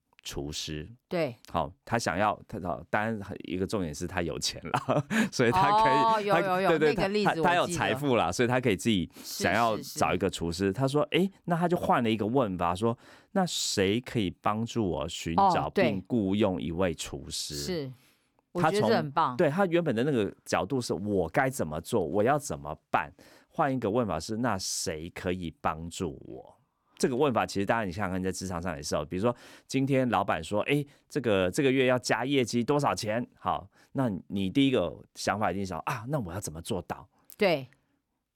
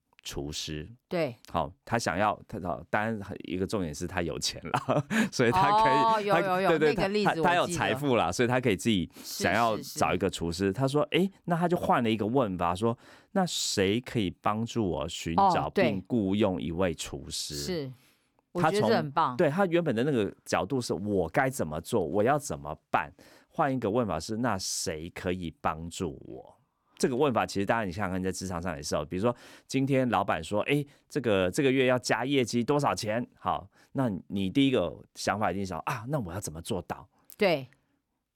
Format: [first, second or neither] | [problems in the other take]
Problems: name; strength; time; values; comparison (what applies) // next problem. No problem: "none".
neither | none